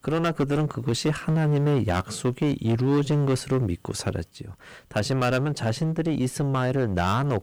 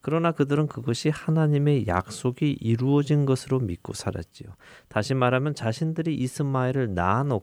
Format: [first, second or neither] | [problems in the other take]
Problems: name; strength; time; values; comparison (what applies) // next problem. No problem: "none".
second | distortion; heavy; 16% of the sound clipped